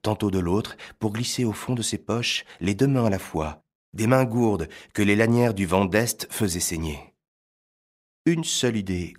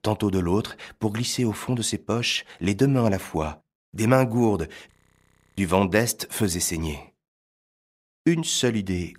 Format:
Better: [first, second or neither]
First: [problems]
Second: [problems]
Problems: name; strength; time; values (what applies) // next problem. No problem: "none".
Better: first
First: none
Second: audio freezing; at 5 s for 0.5 s